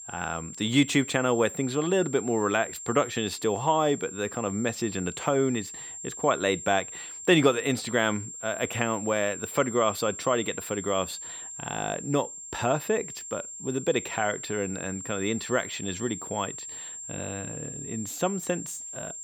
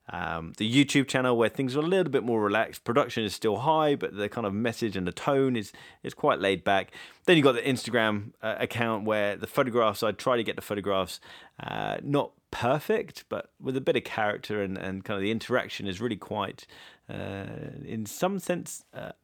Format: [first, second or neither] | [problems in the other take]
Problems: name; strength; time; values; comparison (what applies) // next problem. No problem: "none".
second | high-pitched whine; loud; throughout; 7.5 kHz, 9 dB below the speech